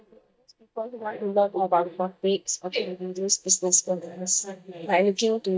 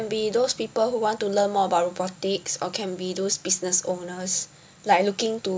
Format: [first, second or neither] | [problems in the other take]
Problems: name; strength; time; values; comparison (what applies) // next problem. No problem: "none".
second | noise reduction (neural mask model DeepFilterNet 3)